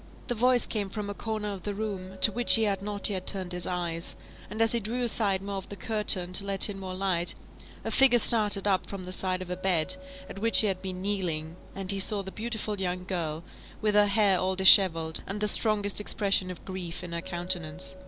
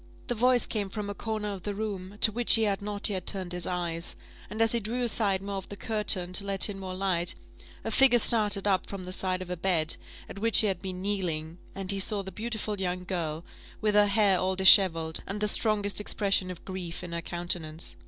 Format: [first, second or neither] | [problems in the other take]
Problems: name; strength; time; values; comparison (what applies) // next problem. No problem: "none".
second | background sound (Water + Chink, clink); 19 dB below the speech